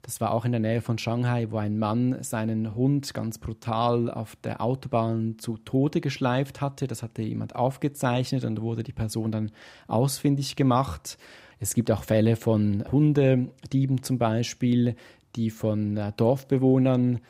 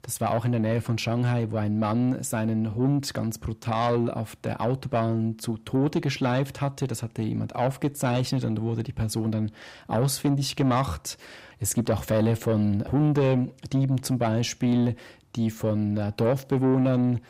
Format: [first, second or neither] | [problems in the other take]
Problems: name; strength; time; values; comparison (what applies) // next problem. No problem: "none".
first | distortion; slight; 10 dB below the speech